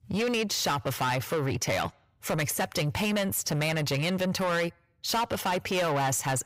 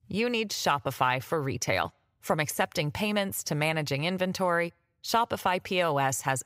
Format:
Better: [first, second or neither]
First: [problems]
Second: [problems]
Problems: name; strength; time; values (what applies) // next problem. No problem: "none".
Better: second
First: distortion; heavy; 6 dB below the speech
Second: none